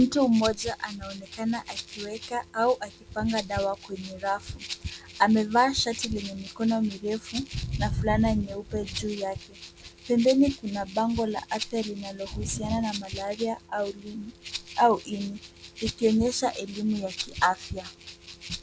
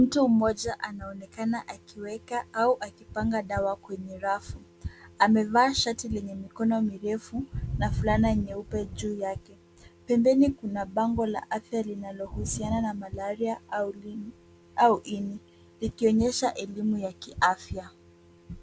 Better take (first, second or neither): second